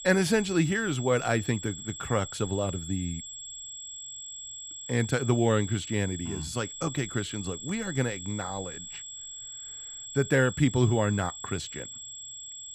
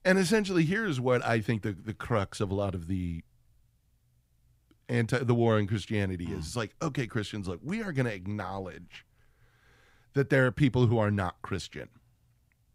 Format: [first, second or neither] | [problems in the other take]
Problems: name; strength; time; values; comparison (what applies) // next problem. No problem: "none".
second | high-pitched whine; loud; throughout; 7.5 kHz, 10 dB below the speech